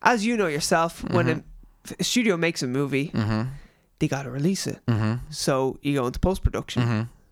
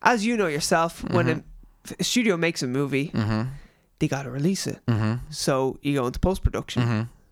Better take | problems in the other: neither | none

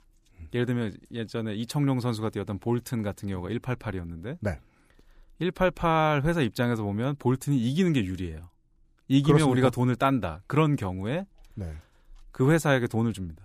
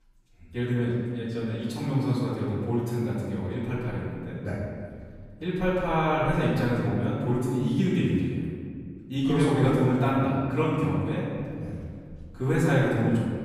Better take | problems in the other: first | off-mic speech; far // room echo; strong; dies away in 2 s

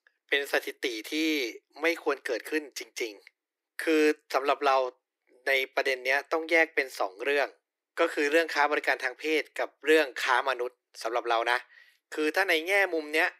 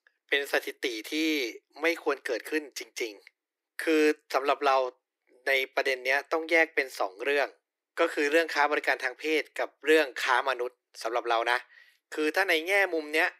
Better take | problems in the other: neither | thin; very; fading below 300 Hz; the same in both

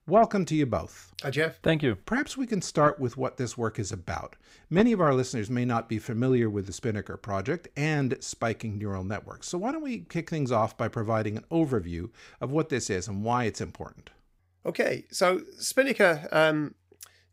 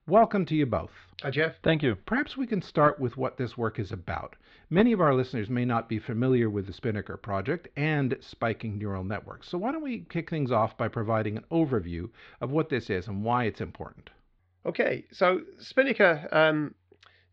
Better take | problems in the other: first | muffled; slightly; fading above 4 kHz

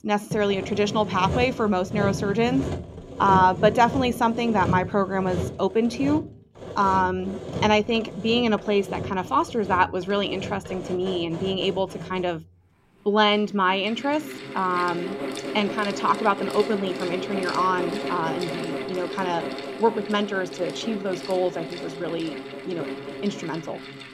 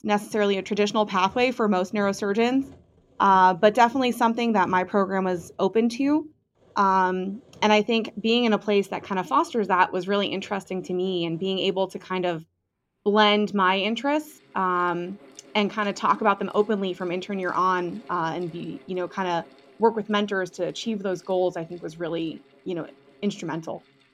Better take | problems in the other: second | machinery noise; loud; throughout; 8 dB below the speech; faint in the second

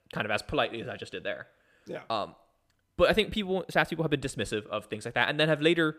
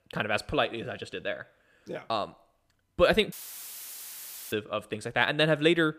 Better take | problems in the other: first | audio cutting out; filled with static; at 3.5 s for 1 s

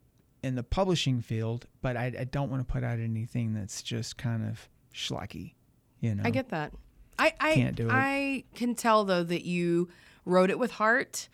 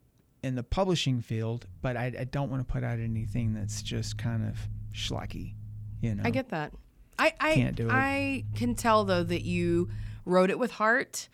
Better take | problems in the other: first | low rumble; faint; from 1.5 to 6.5 s and from 7.5 to 10 s; 25 dB below the speech

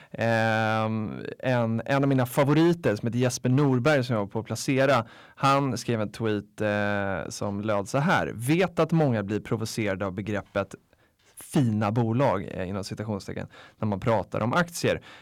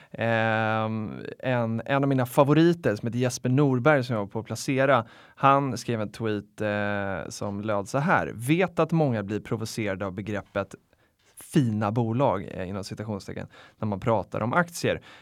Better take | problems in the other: second | distortion; slight; 4% of the sound clipped

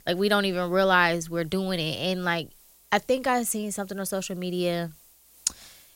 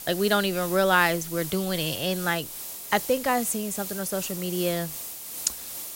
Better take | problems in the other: first | hiss; loud; throughout; 8 dB below the speech; faint in the first

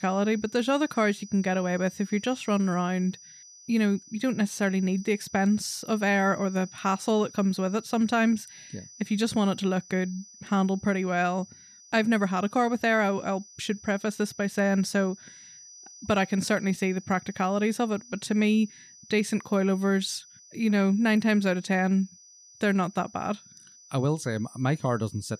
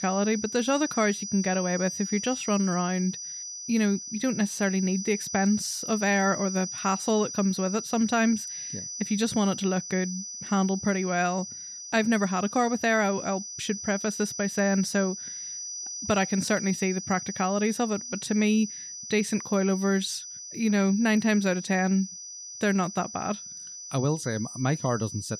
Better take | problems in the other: first | high-pitched whine; loud; throughout; 6 kHz, 8 dB below the speech; faint in the first

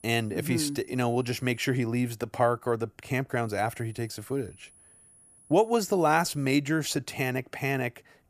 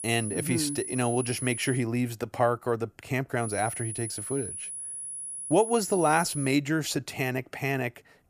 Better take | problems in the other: first | high-pitched whine; loud; until 2 s and from 3.5 to 6.5 s; 10.5 kHz, 6 dB below the speech; faint in the first

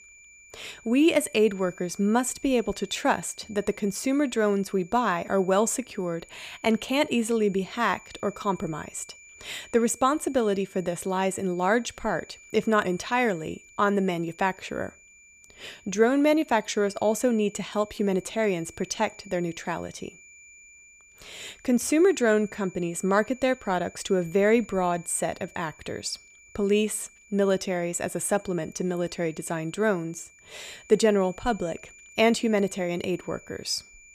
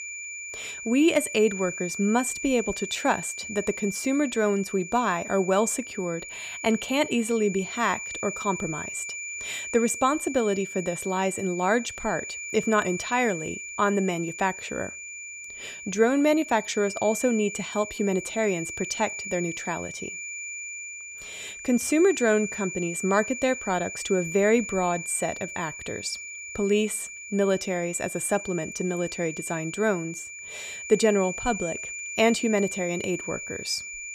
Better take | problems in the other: first | high-pitched whine; loud; throughout; 2.5 kHz, 8 dB below the speech; faint in the first

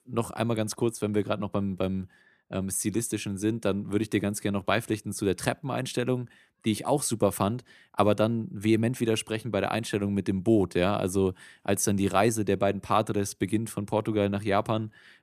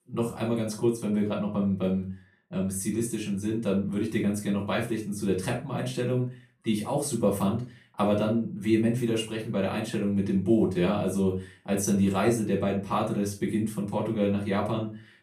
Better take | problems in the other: first | off-mic speech; far // room echo; slight; dies away in 0.3 s

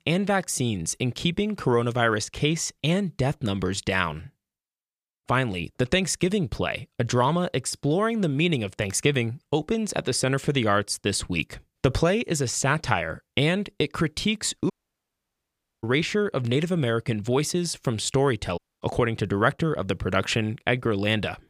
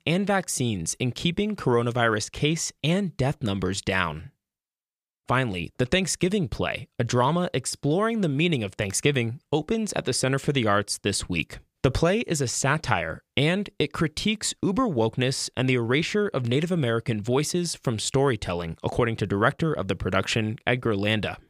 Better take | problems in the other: second | audio cutting out; at 15 s for 1 s and at 19 s

